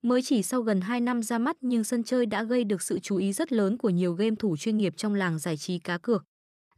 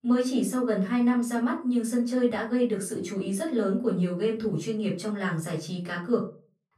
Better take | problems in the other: first | off-mic speech; far // room echo; slight; dies away in 0.3 s

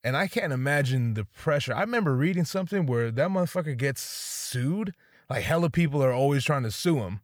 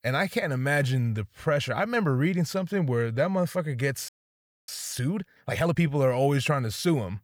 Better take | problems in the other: first | audio freezing; at 4 s for 0.5 s

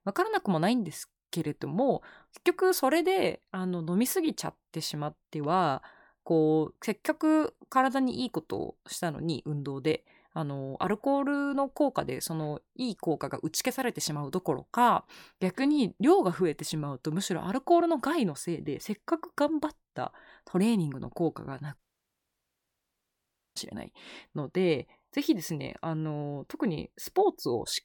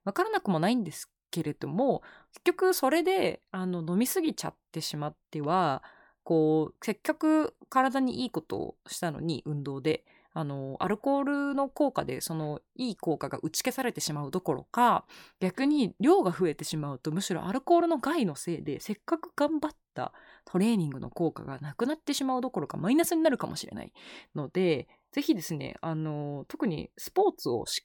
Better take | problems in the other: second | audio cutting out; at 22 s for 2 s

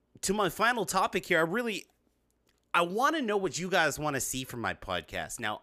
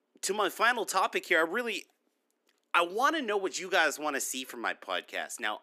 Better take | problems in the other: first | thin; very slightly; fading below 250 Hz

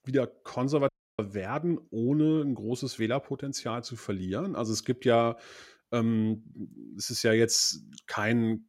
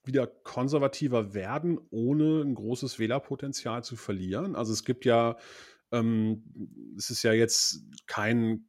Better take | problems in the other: second | audio cutting out; at 1 s

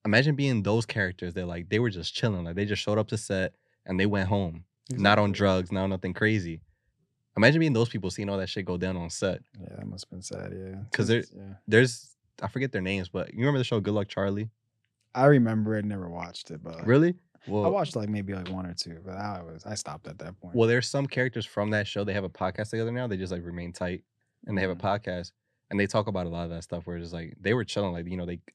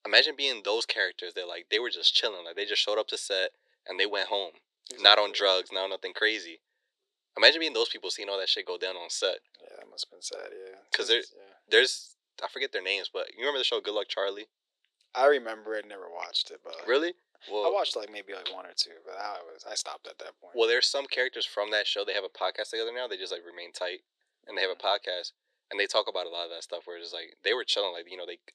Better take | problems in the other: first | thin; very; fading below 400 Hz

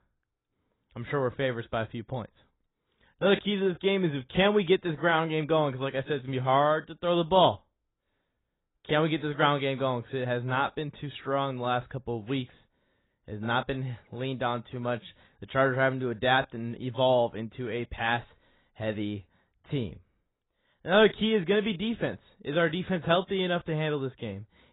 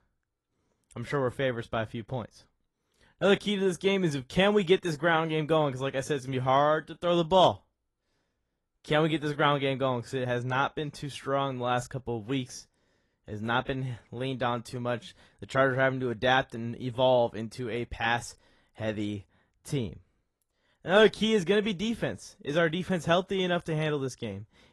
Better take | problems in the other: second | garbled, watery; badly; nothing above 3.5 kHz; slightly in the second

